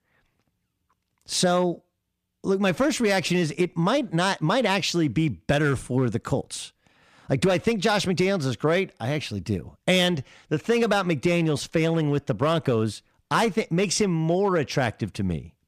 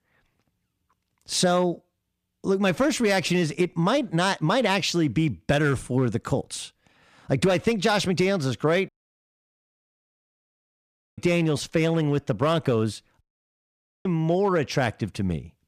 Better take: first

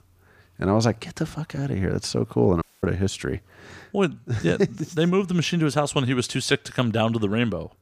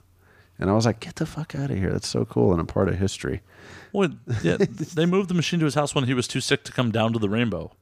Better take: second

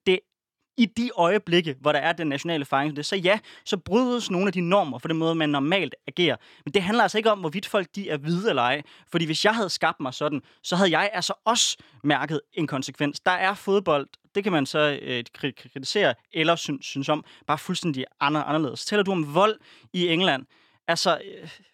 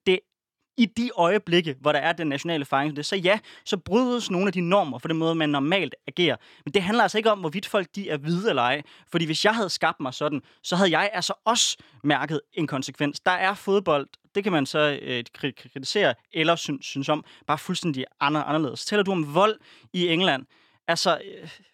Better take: neither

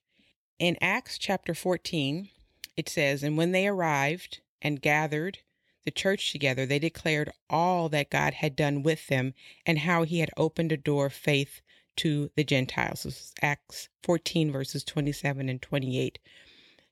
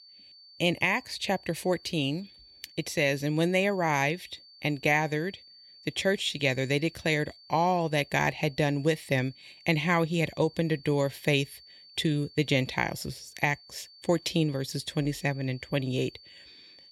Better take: first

